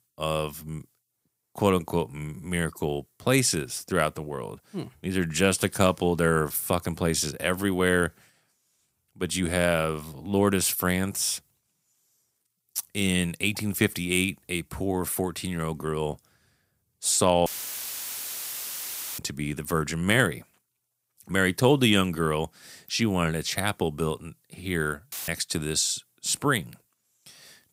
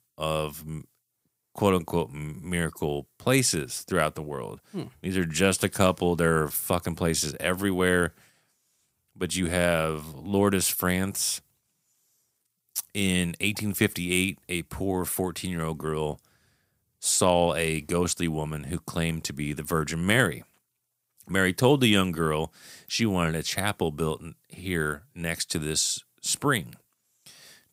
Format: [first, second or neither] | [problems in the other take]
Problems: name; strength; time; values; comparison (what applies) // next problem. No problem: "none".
second | audio cutting out; filled with static; at 17 s for 1.5 s and at 25 s